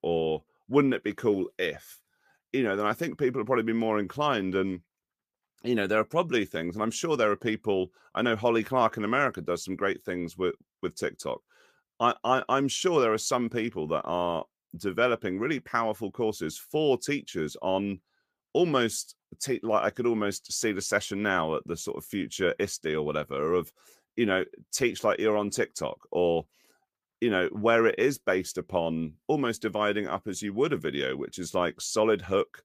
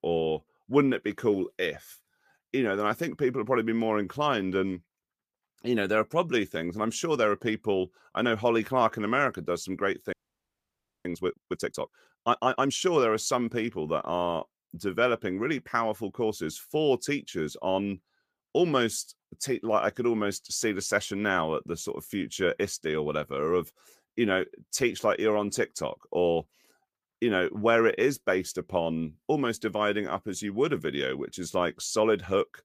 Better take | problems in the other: first | audio freezing; at 10 s for 1 s

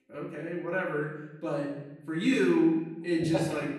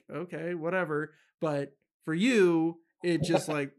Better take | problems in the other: second | off-mic speech; far // room echo; noticeable; dies away in 0.9 s

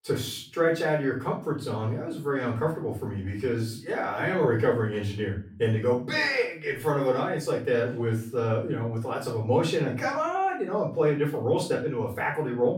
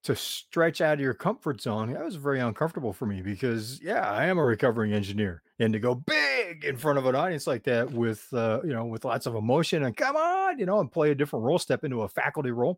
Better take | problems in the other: second | off-mic speech; far // room echo; slight; dies away in 0.4 s

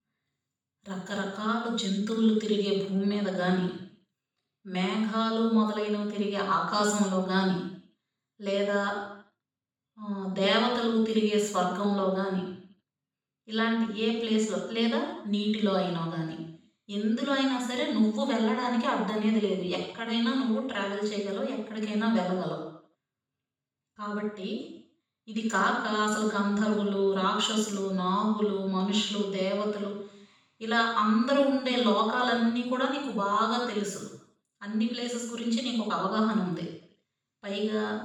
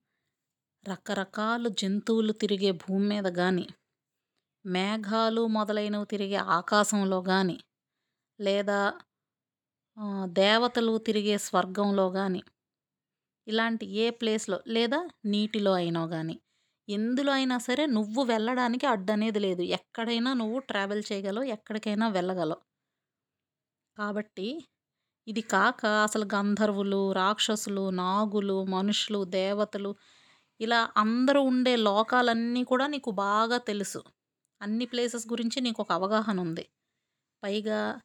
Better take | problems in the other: second | room echo; noticeable; dies away in 0.6 s // off-mic speech; far

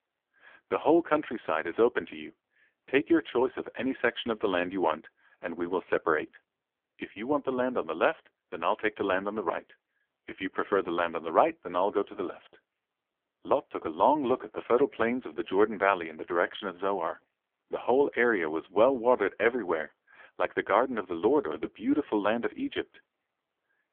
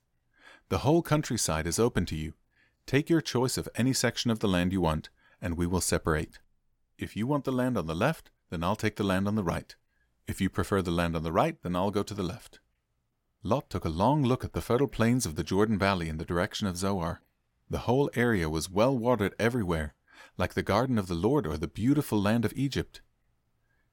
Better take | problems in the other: second | phone-call audio; poor line; nothing above 3.5 kHz

